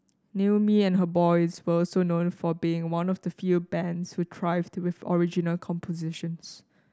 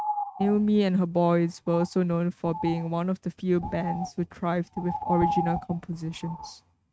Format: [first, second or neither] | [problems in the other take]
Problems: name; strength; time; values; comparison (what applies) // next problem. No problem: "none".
first | noise reduction (neural mask model RNNoise)